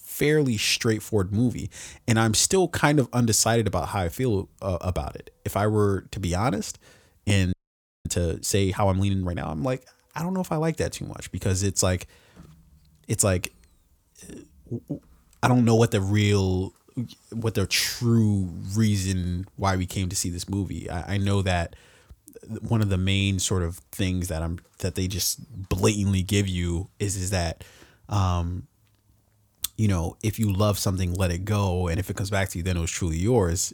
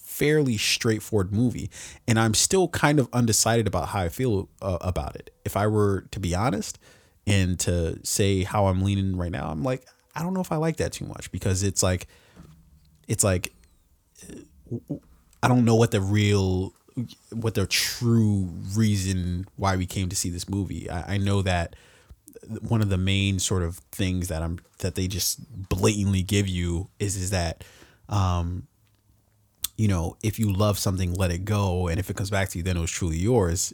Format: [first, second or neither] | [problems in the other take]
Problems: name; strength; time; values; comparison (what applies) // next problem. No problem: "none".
second | audio freezing; at 7.5 s for 0.5 s